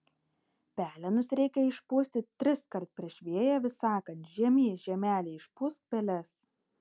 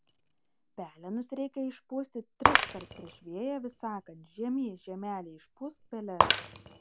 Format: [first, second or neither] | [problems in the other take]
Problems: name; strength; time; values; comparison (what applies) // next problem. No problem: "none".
first | background sound (Shatter); 4 dB above the speech